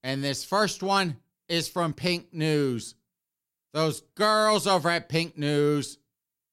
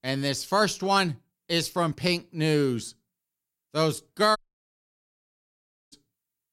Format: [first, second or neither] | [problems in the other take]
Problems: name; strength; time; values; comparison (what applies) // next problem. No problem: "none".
first | audio cutting out; at 4.5 s for 1.5 s